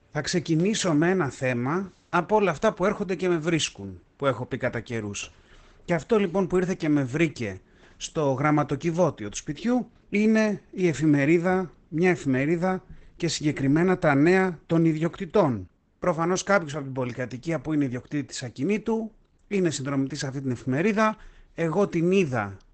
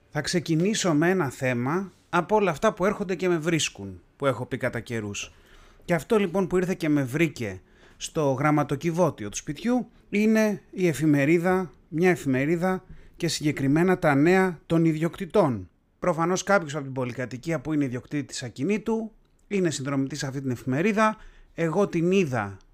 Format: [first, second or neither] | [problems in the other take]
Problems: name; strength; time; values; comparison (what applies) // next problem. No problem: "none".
second | garbled, watery; badly; nothing above 8 kHz